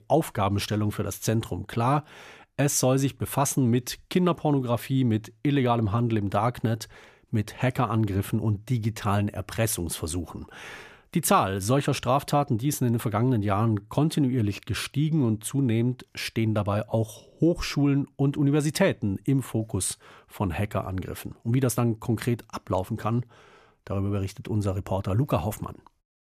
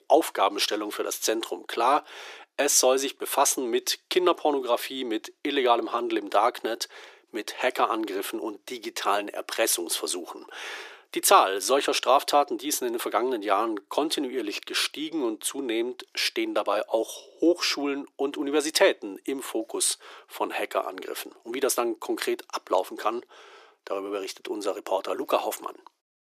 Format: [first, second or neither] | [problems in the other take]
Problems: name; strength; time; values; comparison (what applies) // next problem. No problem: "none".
first | thin; very; fading below 350 Hz